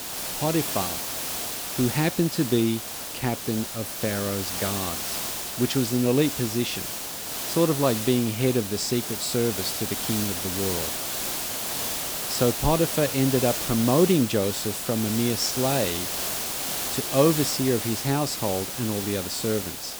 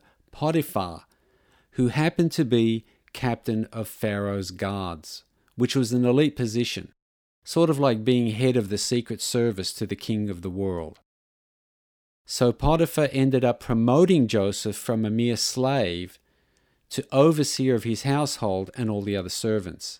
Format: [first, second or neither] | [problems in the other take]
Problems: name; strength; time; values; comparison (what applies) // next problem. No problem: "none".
second | hiss; loud; throughout; 2 dB below the speech